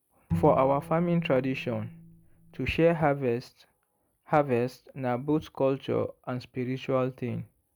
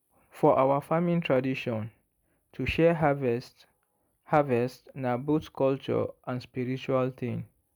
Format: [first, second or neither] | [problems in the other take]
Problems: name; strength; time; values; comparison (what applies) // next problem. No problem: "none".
second | background sound (Bowed string instrument); 9 dB below the speech